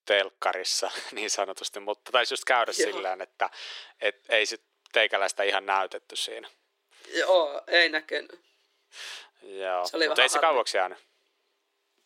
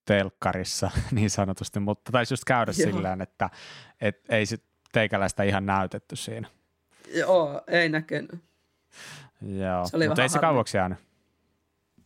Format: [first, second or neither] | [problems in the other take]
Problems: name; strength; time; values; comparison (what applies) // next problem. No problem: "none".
second | thin; very; fading below 350 Hz